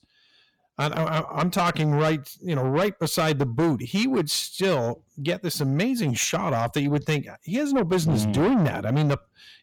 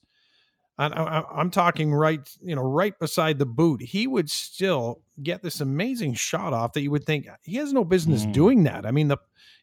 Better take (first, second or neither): second